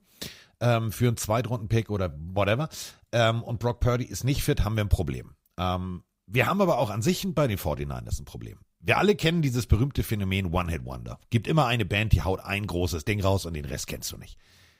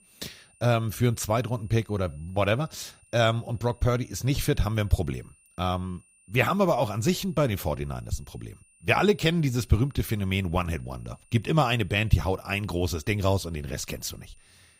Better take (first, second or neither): first